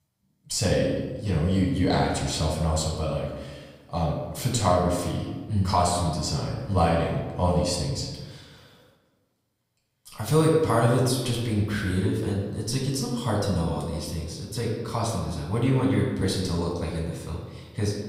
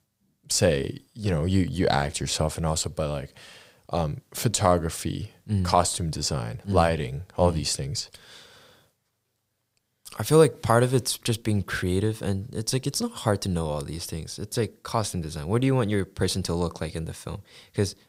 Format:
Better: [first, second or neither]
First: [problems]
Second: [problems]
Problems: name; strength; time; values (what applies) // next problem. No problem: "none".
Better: second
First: room echo; noticeable; dies away in 1.2 s // off-mic speech; far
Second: none